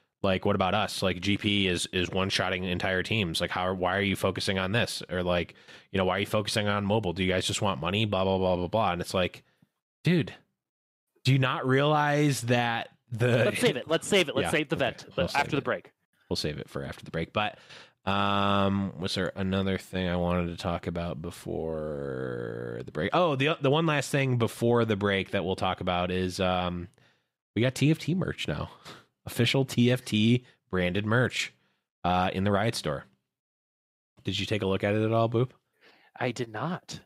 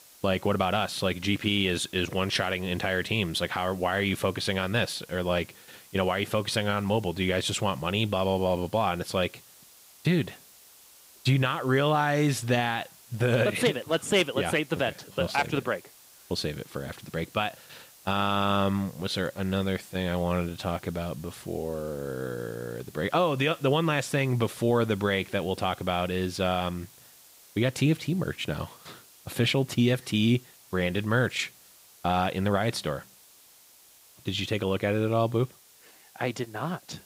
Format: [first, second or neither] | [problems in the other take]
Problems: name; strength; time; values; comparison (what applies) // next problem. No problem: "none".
first | hiss; faint; throughout; 25 dB below the speech